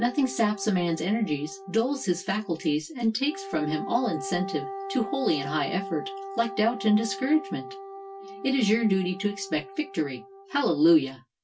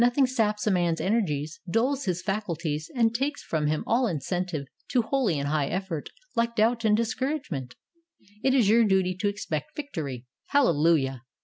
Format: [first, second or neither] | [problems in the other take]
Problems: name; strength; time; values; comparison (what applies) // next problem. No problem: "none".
second | background sound (Wind instrument, woodwind instrument); 12 dB below the speech // room echo; dies away in 0.1 s